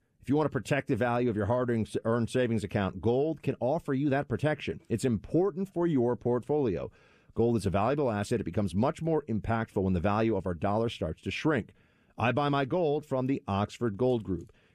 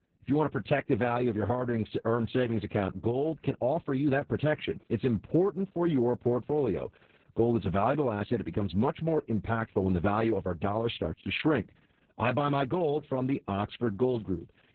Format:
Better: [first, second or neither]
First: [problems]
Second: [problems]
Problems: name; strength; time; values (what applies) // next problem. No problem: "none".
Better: first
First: none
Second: garbled, watery; badly